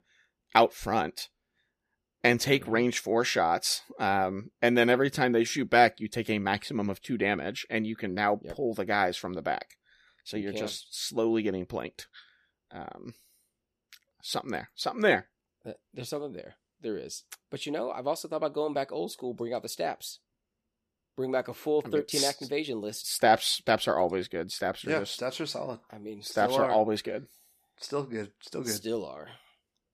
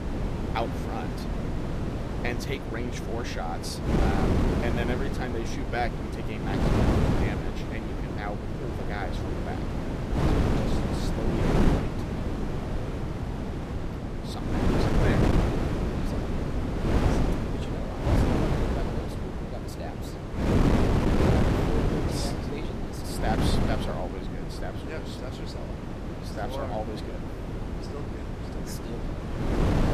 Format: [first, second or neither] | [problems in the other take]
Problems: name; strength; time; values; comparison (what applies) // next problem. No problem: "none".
first | wind noise on the microphone; heavy; 4 dB above the speech